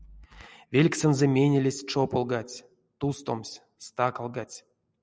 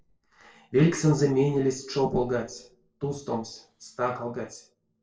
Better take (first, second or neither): first